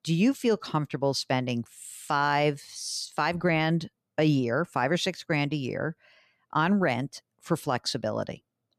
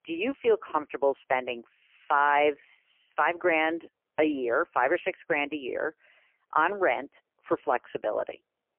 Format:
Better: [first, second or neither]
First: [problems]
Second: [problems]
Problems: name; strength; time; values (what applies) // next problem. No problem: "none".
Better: first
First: none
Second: phone-call audio; poor line; nothing above 3 kHz